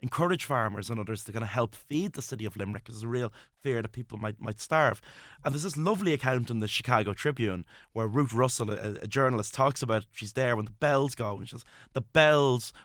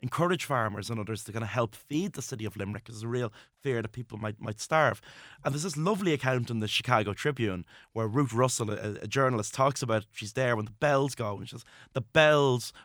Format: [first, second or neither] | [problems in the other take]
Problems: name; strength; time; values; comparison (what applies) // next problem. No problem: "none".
second | garbled, watery; slightly